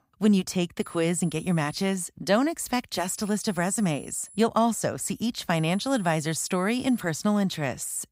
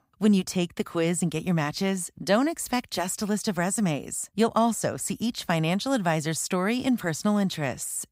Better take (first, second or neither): second